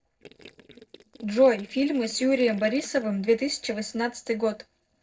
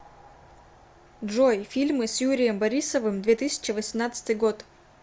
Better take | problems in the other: second | noise reduction (neural separator model SepFormer DNS4)

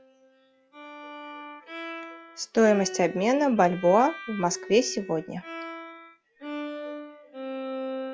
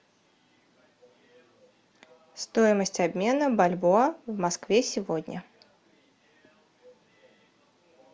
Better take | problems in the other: second | noise reduction (classical method log-MMSE)

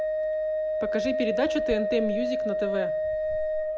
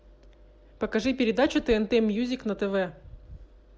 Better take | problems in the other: second | background sound (Organ); 4 dB above the speech

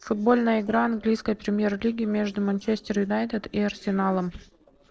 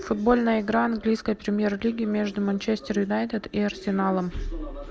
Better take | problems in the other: second | noise reduction (neural separator model SepFormer DNS4)

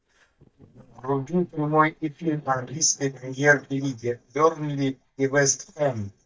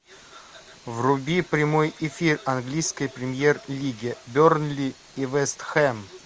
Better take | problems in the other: second | noise reduction (neural mask model DeepFilterNet 3)

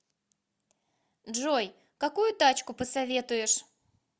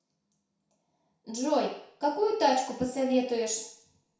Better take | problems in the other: first | room echo; dies away in 0.6 s

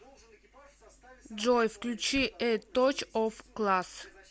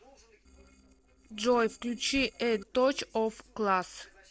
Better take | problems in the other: first | noise reduction (neural separator model SepFormer DNS4)

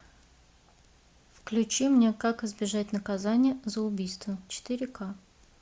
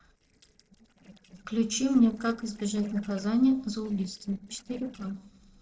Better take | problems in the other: first | noise reduction (neural separator model SepFormer DNS4)

